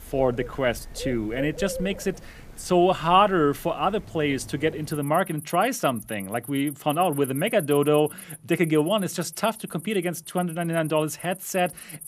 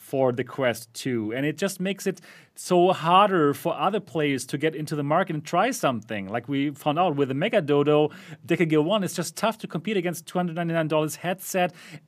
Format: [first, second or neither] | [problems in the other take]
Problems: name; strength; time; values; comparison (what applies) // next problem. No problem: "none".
second | animal sounds; noticeable; throughout; 15 dB below the speech